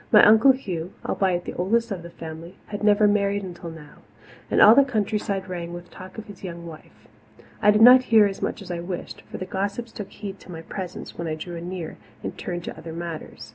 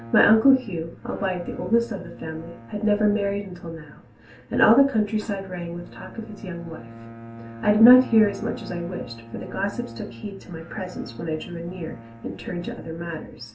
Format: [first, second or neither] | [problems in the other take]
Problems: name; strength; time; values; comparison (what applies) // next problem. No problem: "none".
first | background sound (Bowed string instrument); 17 dB below the speech // room echo; dies away in 0.2 s